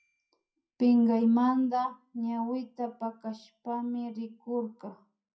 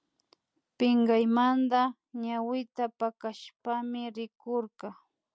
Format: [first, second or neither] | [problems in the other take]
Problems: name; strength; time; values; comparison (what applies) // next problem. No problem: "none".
second | noise reduction (classical method WPE with log-MMSE)